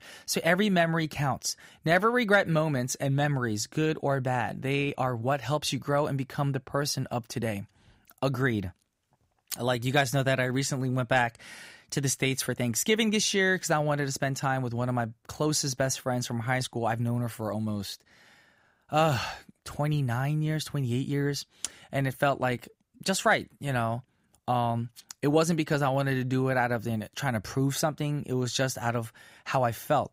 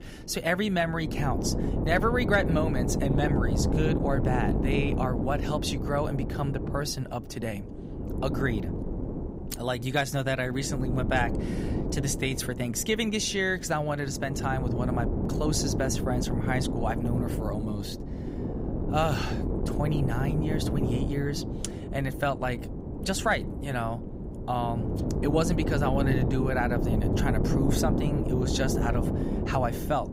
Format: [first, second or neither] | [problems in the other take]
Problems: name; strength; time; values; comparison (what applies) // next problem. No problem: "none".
first | wind noise on the microphone; heavy; 6 dB below the speech